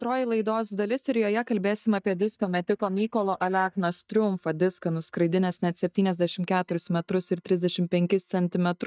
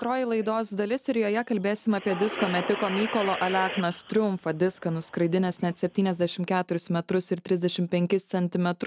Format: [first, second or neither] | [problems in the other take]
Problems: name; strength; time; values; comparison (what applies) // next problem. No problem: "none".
second | noise reduction (neural mask model DeepFilterNet 3)